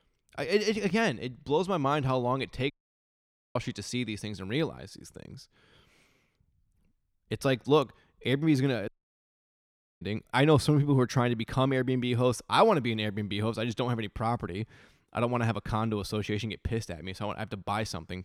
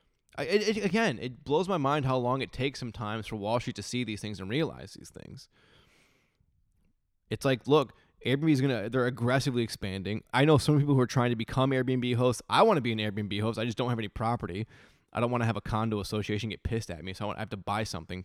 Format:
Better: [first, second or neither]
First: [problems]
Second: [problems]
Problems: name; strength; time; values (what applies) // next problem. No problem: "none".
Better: second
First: audio cutting out; at 2.5 s for 1 s and at 9 s for 1 s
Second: none